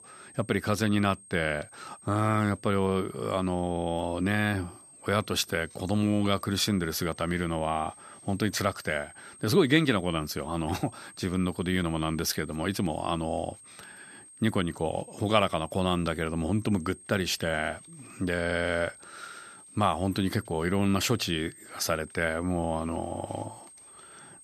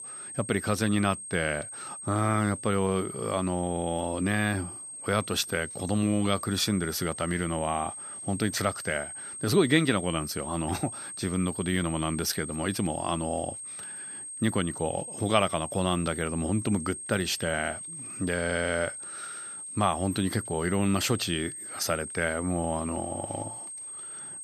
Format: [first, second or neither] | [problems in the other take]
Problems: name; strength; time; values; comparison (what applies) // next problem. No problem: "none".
first | high-pitched whine; loud; throughout; 8.5 kHz, 8 dB below the speech; faint in the first